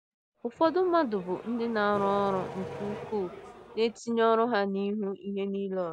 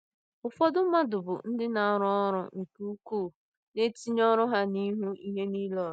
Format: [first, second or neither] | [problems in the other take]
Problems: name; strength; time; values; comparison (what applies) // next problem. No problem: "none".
second | background sound (Accelerating, revving, vroom); 13 dB below the speech